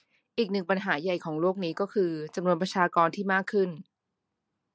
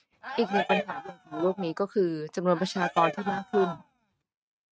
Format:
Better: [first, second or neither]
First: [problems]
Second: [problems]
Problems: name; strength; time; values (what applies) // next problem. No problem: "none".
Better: first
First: none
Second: noise reduction (neural mask model RNNoise)